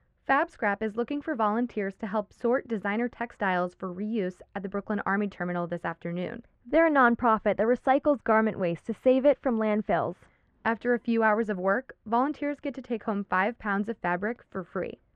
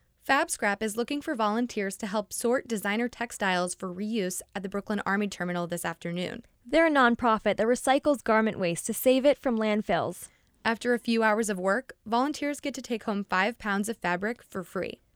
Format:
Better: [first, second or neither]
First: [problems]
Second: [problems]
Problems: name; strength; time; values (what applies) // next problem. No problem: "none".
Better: second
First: muffled; very; fading above 1.5 kHz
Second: none